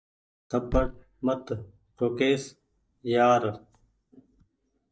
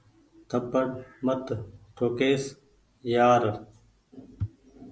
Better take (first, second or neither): second